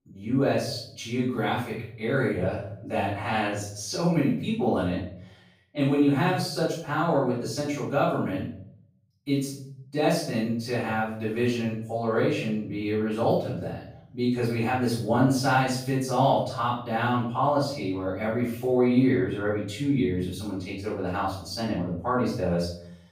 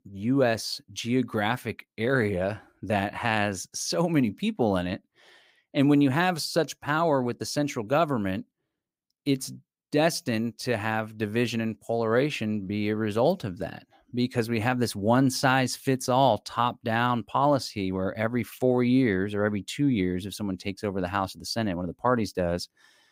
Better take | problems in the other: second | off-mic speech; far // room echo; noticeable; dies away in 0.6 s

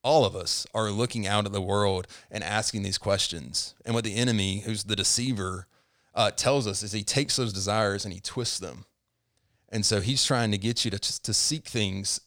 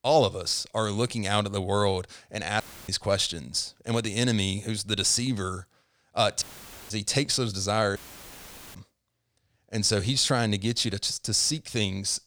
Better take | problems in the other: first | audio cutting out; filled with static; at 2.5 s, at 6.5 s and at 8 s for 1 s

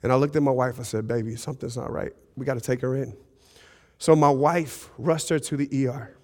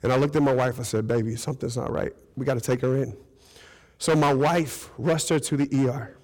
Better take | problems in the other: first | distortion; heavy; 9% of the sound clipped

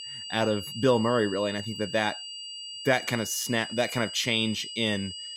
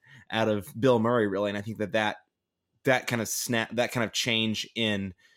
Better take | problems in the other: second | high-pitched whine; loud; throughout; 3 kHz, 9 dB below the speech

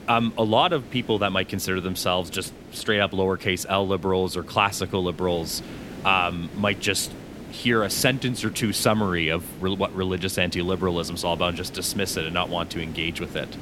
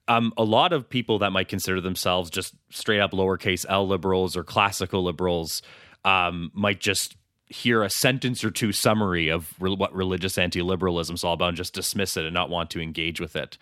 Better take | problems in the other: second | hiss; noticeable; throughout; 15 dB below the speech

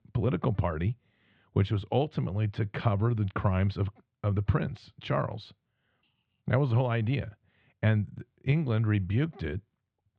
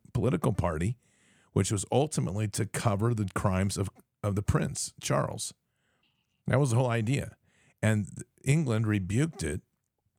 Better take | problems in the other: second | muffled; very; fading above 3.5 kHz

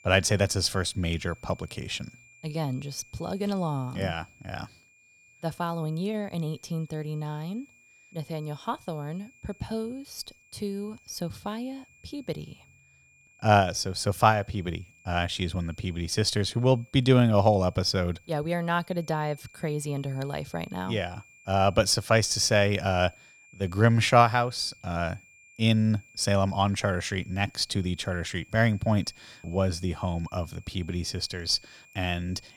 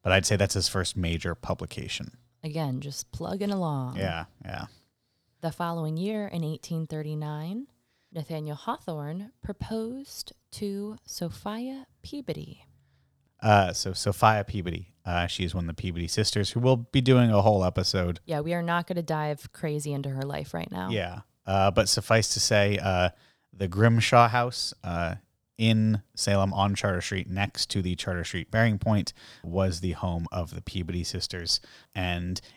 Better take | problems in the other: second | high-pitched whine; faint; throughout; 2.5 kHz, 25 dB below the speech

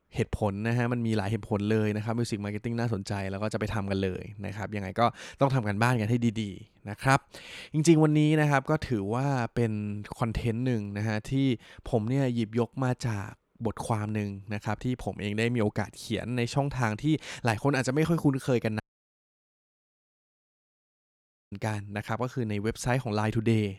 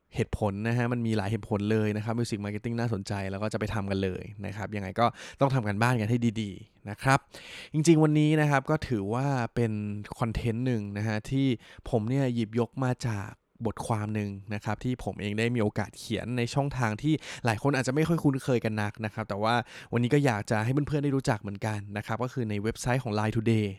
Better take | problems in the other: second | audio cutting out; at 19 s for 2.5 s

